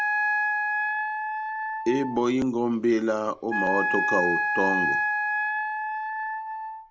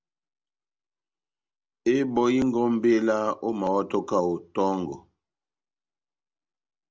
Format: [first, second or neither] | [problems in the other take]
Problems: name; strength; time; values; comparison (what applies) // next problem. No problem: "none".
second | background sound (Wind instrument, woodwind instrument); 1 dB above the speech